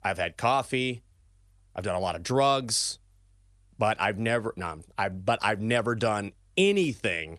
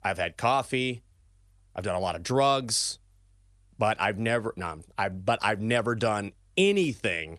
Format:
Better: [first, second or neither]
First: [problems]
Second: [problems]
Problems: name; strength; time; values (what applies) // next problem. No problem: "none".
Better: neither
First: none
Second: none